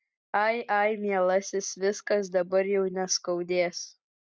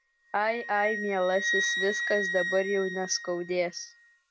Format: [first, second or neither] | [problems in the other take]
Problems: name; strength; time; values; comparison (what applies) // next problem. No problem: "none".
first | background sound (Wind instrument, woodwind instrument); 4 dB below the speech